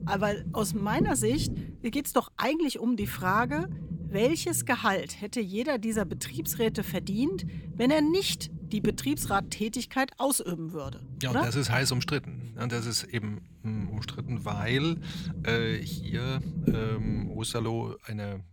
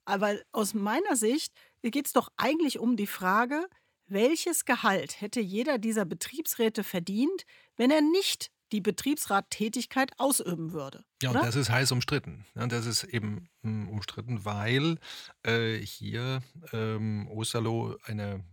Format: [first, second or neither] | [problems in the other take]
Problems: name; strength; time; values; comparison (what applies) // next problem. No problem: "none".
second | low rumble; noticeable; throughout; 15 dB below the speech